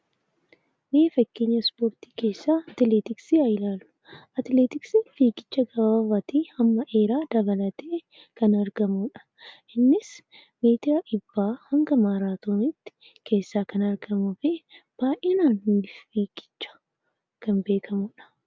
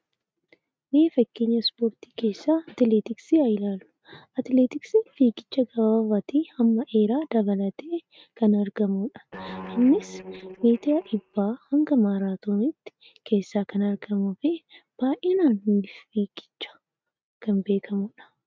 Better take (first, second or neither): first